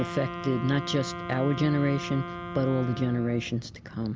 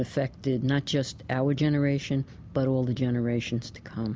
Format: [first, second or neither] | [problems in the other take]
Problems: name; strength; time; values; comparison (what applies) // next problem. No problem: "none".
second | background sound (Wind instrument, woodwind instrument); 10 dB below the speech